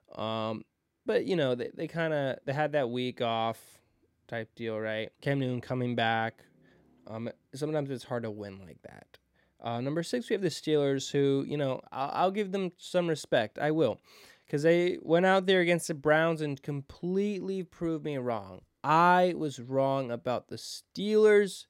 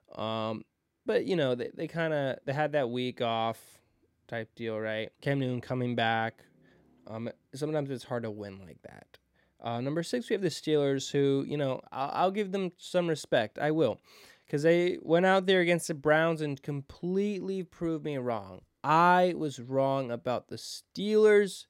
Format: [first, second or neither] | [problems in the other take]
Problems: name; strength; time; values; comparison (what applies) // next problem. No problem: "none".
neither | none